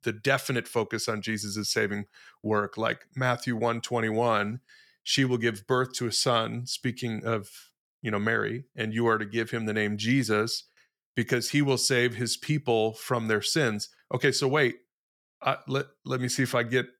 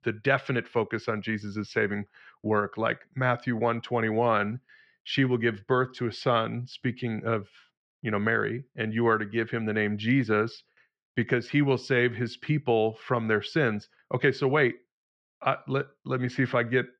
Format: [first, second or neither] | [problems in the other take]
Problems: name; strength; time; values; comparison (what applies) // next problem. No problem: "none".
first | muffled; very; fading above 3 kHz